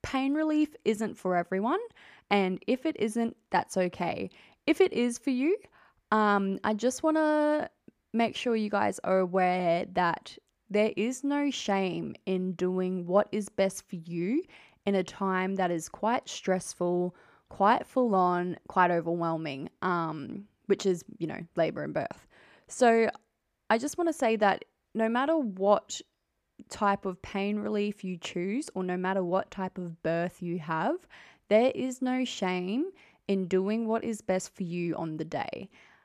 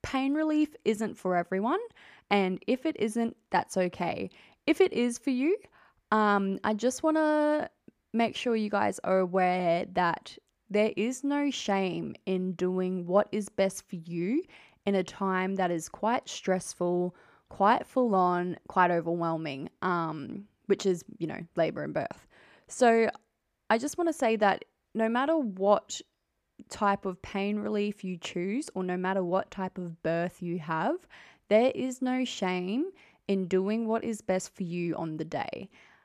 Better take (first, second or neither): neither